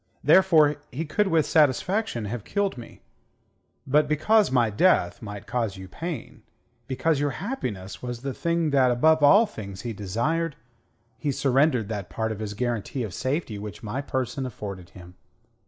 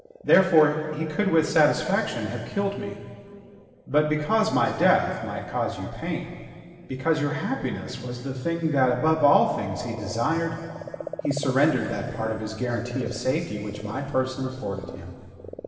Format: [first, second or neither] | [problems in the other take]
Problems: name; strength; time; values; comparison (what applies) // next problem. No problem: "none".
first | background sound (Frog); 18 dB below the speech // room echo; dies away in 2.4 s